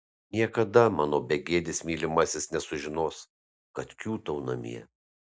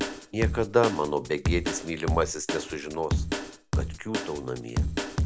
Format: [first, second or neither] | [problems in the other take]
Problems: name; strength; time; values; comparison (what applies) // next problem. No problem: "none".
first | background sound (Drum kit); 1 dB below the speech